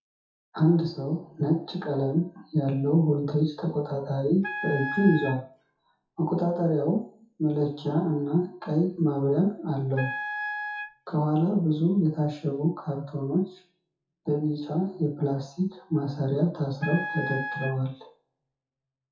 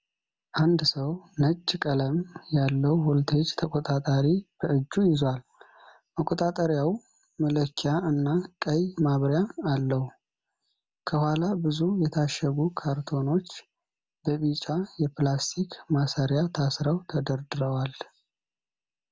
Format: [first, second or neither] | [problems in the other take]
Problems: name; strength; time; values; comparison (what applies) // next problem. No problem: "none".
second | noise reduction (classical method WPE with log-MMSE)